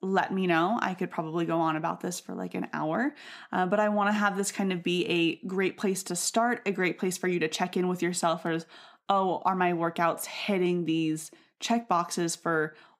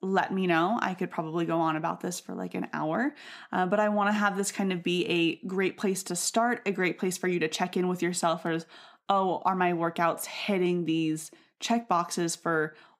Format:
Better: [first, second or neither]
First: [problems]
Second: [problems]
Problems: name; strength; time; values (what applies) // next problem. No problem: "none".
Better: neither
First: none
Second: none